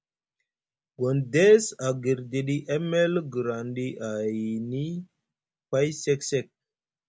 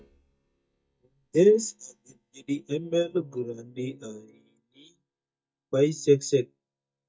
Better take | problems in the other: first | noise reduction (neural mask model DeepFilterNet 3)

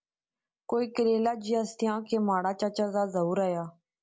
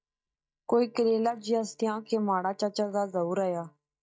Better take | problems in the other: first | noise reduction (neural mask model DeepFilterNet 3)

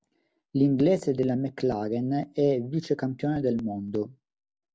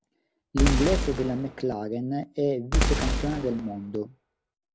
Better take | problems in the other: first | background sound (Boom); 1 dB above the speech

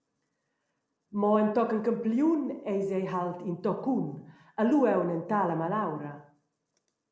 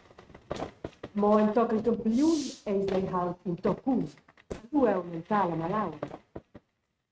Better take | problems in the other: first | noise reduction (neural mask model RNNoise)

